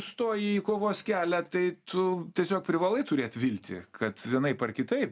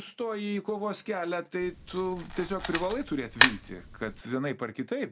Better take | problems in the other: first | background sound (Camera); 1 dB above the speech

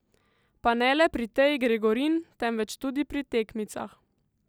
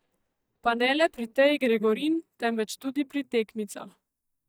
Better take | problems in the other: first | noise reduction (neural mask model DeepFilterNet 3)

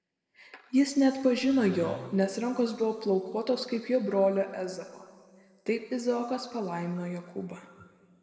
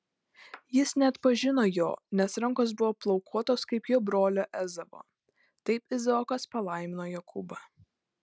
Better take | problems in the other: second | background sound (Wood); 18 dB below the speech // room echo; dies away in 1.9 s

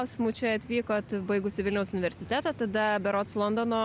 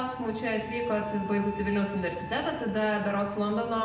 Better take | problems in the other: first | background sound (Wind instrument, woodwind instrument); 13 dB below the speech // room echo; dies away in 0.8 s

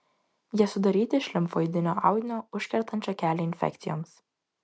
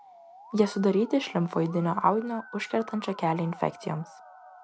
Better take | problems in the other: first | background sound (Musical instrument); 20 dB below the speech

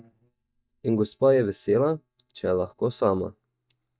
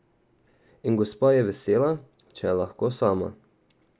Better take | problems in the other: second | noise reduction (neural mask model DeepFilterNet 3)

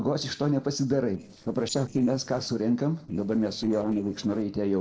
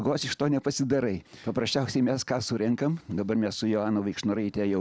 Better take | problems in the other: second | noise reduction (neural separator model SepFormer DNS4)

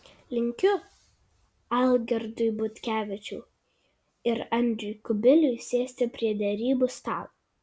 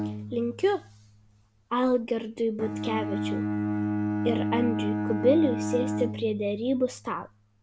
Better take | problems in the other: first | background sound (Bowed string instrument); 3 dB below the speech

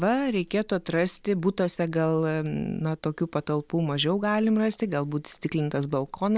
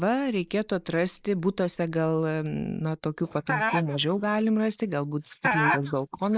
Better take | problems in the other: first | noise reduction (neural mask model Resemble Enhance denoiser)

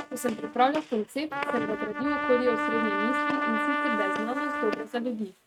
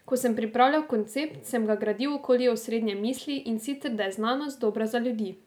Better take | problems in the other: second | noise reduction (neural mask model RNNoise)

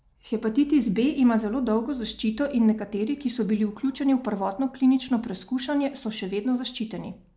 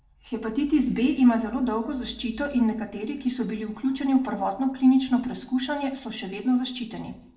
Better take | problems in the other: first | room echo; dies away in 0.7 s

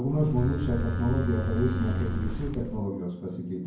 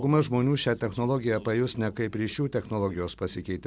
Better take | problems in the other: second | background sound (Livestock, farm animals, working animals); 2 dB below the speech // room echo; dies away in 0.9 s

